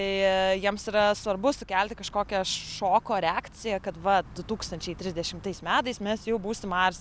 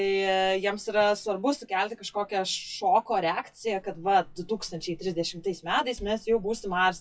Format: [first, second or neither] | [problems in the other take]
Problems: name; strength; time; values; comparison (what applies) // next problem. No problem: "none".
first | noise reduction (classical method WPE with log-MMSE)